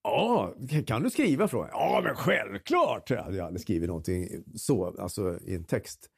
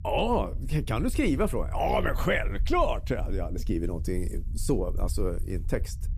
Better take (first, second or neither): first